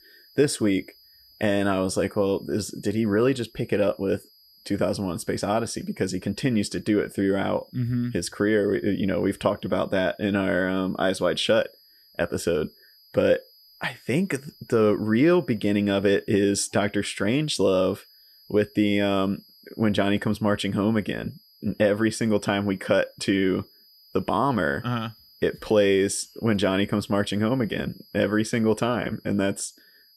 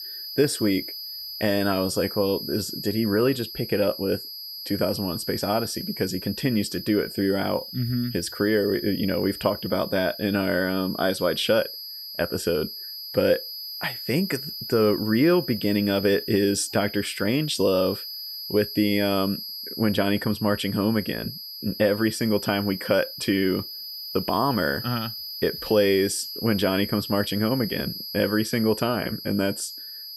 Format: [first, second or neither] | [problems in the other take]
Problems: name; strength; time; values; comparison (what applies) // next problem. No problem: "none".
first | high-pitched whine; loud; throughout; 5 kHz, 9 dB below the speech; faint in the first